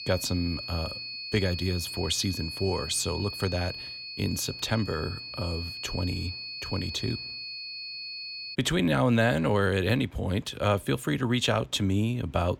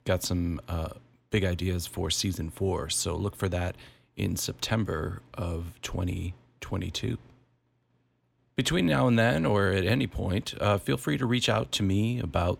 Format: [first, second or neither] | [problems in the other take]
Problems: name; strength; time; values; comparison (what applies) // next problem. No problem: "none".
second | high-pitched whine; loud; until 8.5 s; 4.5 kHz, 7 dB below the speech